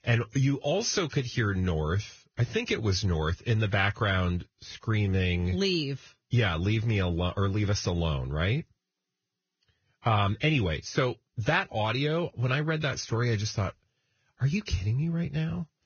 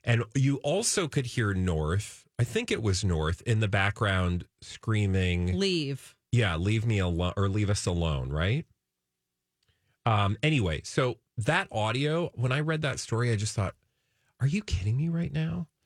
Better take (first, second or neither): second